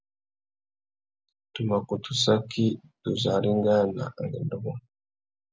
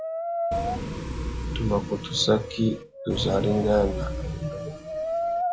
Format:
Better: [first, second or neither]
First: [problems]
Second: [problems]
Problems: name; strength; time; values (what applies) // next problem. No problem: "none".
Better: first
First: none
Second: noise reduction (classical method log-MMSE)